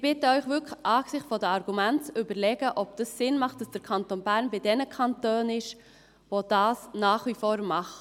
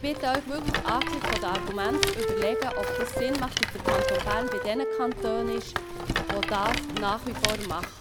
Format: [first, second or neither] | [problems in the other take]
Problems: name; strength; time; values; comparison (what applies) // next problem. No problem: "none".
first | background sound (Rattle + Wind instrument, woodwind instrument); 2 dB above the speech